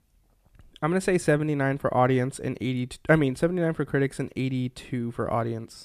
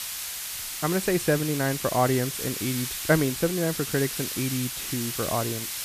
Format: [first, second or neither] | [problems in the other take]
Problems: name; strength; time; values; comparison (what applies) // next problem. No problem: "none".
first | hiss; loud; throughout; 4 dB below the speech